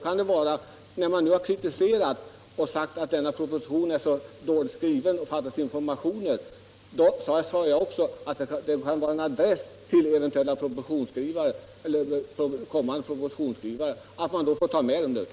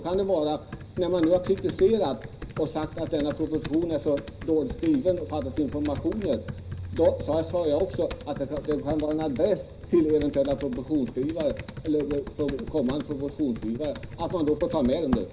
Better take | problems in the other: first | background sound (Computer keyboard); 12 dB below the speech // room echo; dies away in 0.5 s

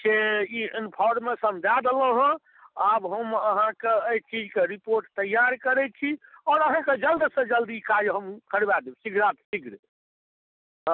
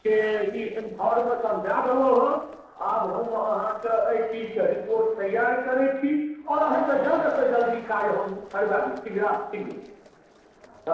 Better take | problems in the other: first | noise reduction (neural separator model SepFormer DNS4)

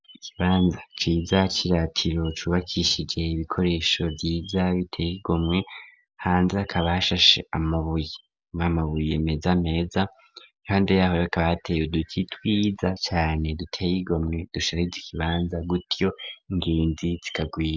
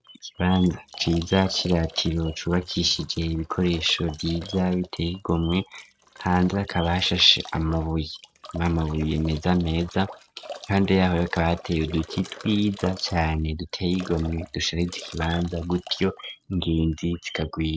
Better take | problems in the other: first | noise reduction (neural mask model RNNoise)

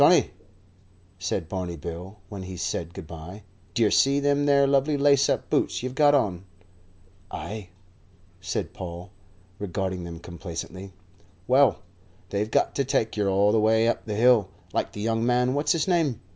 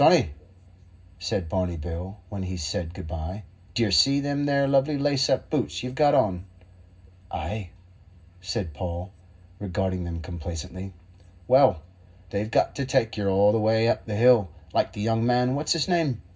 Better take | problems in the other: first | room echo; dies away in 0.4 s

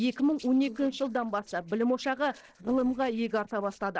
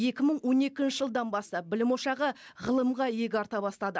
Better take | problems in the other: second | noise reduction (neural separator model SepFormer DNS4)

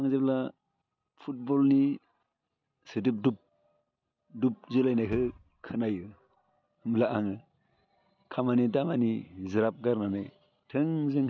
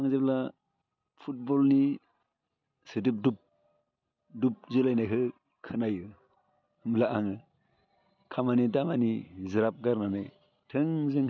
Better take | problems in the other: second | background sound (Bass drum); 19 dB below the speech

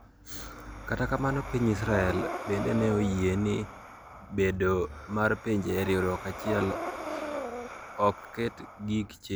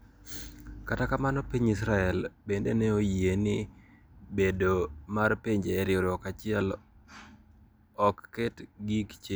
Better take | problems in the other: second | background sound (Breathing); 9 dB below the speech

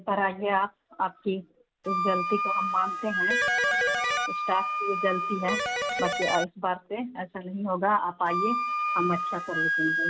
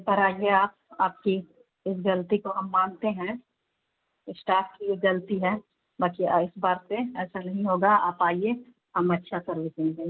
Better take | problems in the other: second | background sound (Wind instrument, woodwind instrument + Electric guitar); 1 dB above the speech

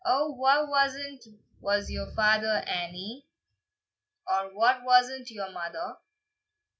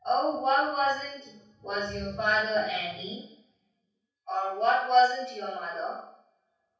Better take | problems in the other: first | room echo; dies away in 0.6 s

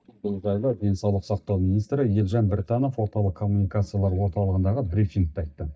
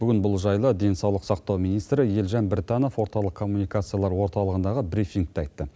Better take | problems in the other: second | noise reduction (neural mask model DeepFilterNet 3)

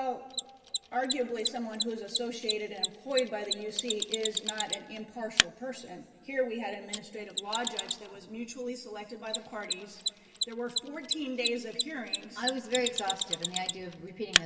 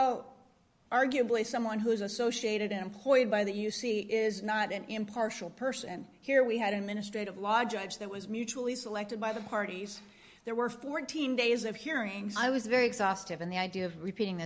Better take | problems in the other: second | background sound (Mechanisms); as loud as the speech // room echo; dies away in 2.3 s

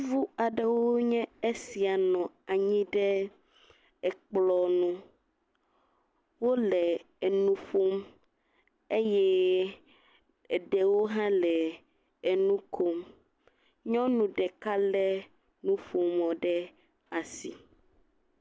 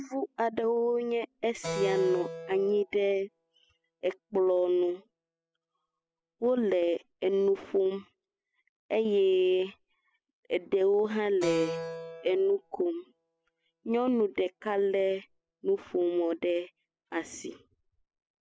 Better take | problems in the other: first | noise reduction (classical method spectral subtraction)

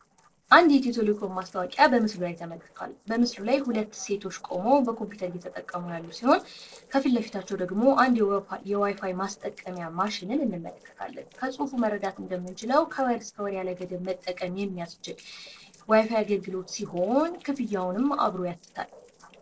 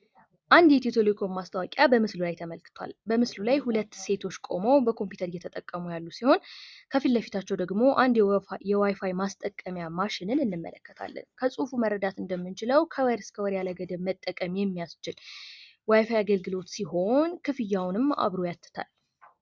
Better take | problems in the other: second | noise reduction (neural separator model SepFormer DNS4)

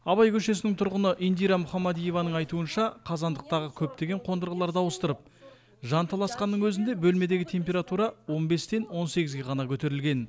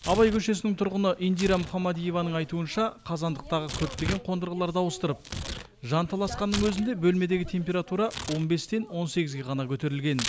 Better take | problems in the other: first | background sound (Tearing); 12 dB below the speech

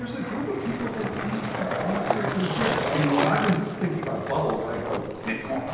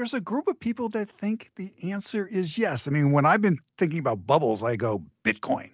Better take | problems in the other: second | background sound (Skateboard); 2 dB below the speech // room echo; dies away in 1.2 s

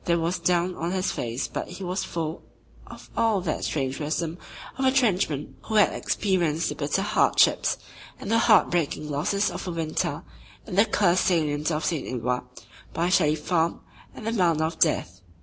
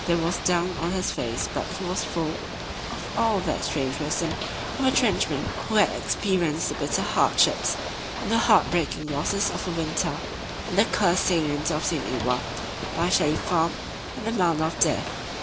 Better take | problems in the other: first | background sound (Ocean / Boat, Water vehicle); 6 dB below the speech

